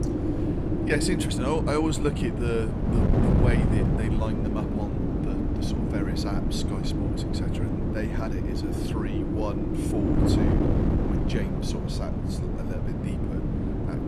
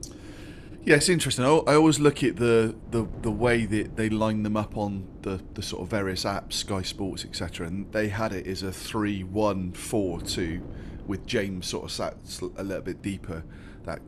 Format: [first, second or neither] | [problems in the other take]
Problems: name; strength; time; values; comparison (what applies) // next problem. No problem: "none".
second | wind noise on the microphone; heavy; 1 dB above the speech; occasional gusts in the second